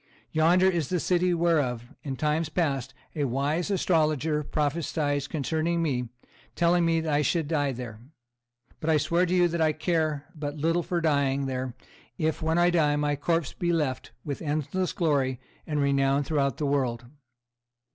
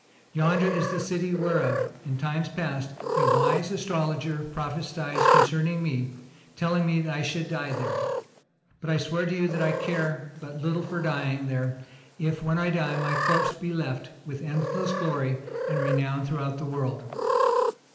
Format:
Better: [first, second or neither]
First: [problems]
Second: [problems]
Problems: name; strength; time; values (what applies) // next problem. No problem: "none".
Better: first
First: none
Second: background sound (Cat); 2 dB below the speech // room echo; dies away in 0.8 s